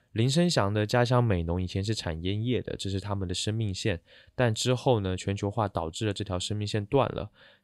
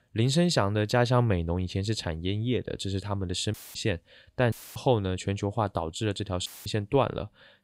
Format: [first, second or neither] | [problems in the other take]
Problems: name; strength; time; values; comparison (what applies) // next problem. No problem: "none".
first | audio cutting out; filled with static; at 3.5 s, at 4.5 s and at 6.5 s